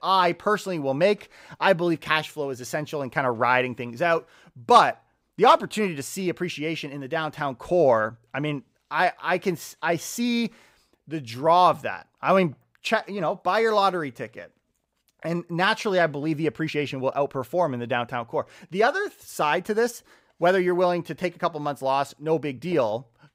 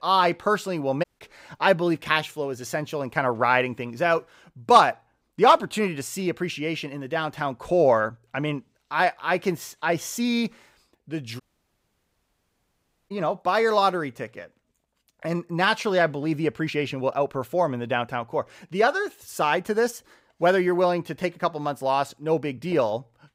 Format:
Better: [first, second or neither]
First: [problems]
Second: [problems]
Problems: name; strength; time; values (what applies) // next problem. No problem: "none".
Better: first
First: none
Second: audio cutting out; at 1 s and at 11 s for 1.5 s